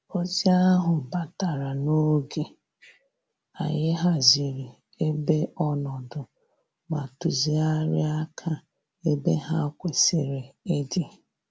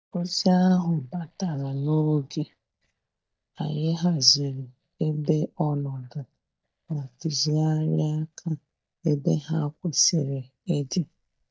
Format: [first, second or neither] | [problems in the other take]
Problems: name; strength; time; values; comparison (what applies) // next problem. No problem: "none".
first | noise reduction (neural mask model DeepFilterNet 3)